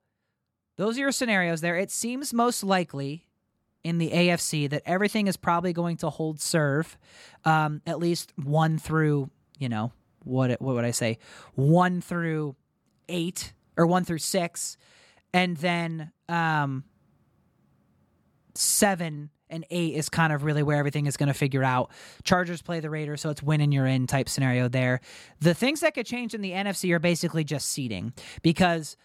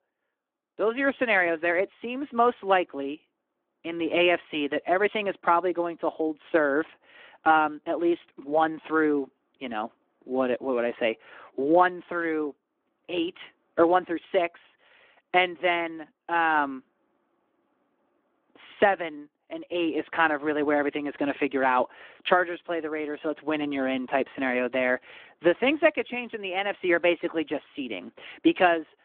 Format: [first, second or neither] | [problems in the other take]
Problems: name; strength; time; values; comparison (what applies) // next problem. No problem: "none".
first | phone-call audio